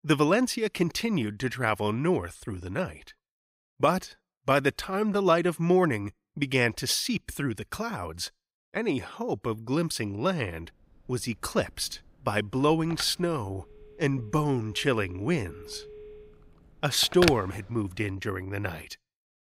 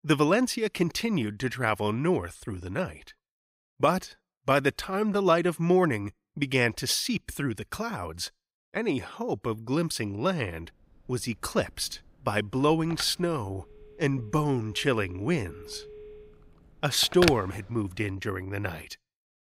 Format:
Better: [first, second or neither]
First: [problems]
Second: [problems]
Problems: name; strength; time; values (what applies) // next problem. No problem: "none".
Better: neither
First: phone ringing; loud; from 13 to 17 s; peak level with the speech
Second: phone ringing; loud; from 13 to 17 s; peak level with the speech